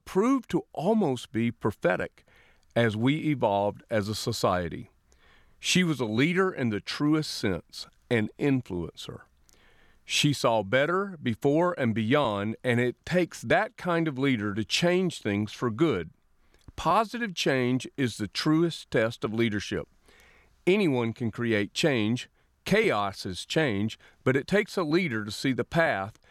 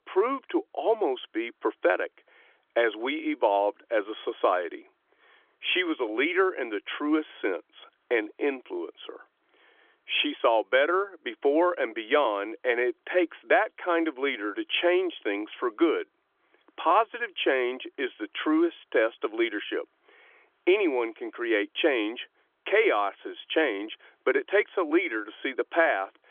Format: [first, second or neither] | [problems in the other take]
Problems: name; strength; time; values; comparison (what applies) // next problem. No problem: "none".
first | phone-call audio; nothing above 3.5 kHz